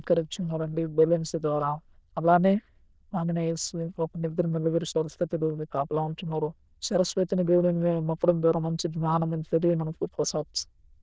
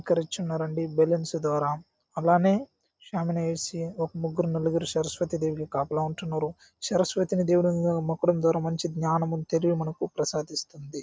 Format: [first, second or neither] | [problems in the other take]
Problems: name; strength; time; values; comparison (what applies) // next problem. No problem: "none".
second | noise reduction (neural diffusion model UNIVERSE++)